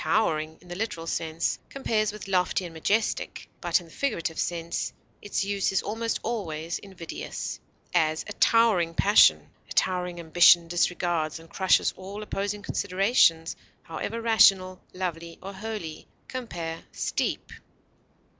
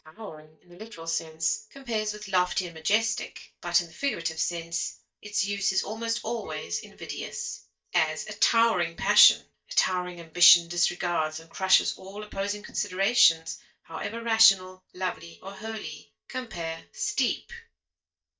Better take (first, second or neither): first